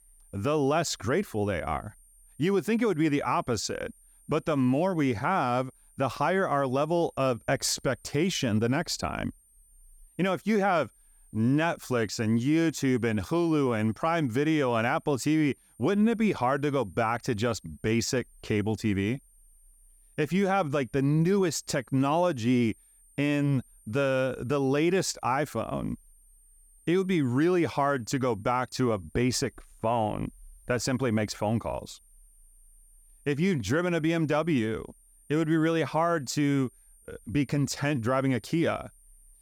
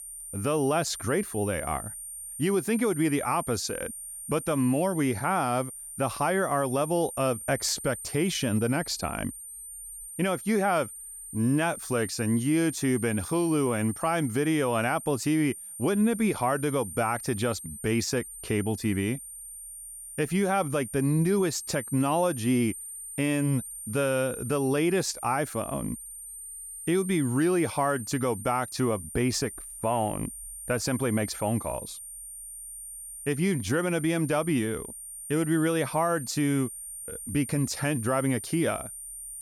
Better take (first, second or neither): first